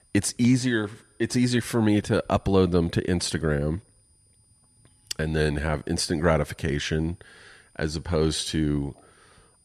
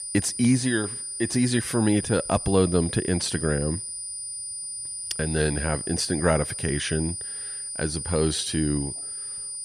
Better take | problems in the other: first | high-pitched whine; loud; throughout; 9.5 kHz, 6 dB below the speech; faint in the first

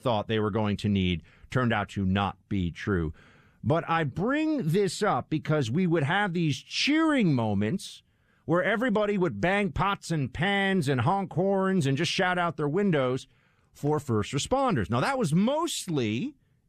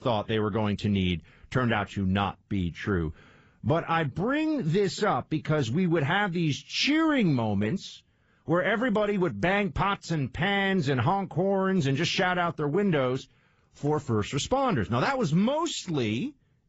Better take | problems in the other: first | garbled, watery; badly; nothing above 7.5 kHz

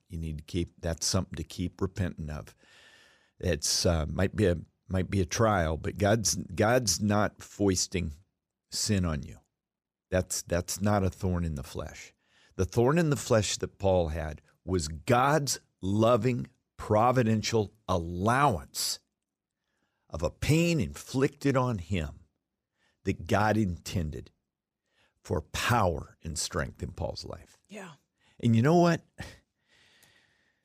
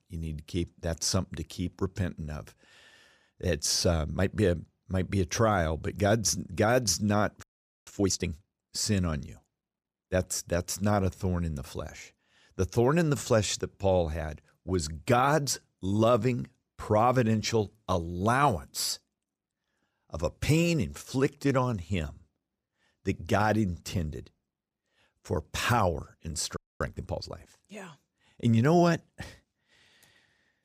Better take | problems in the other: first | audio freezing; at 7.5 s and at 27 s

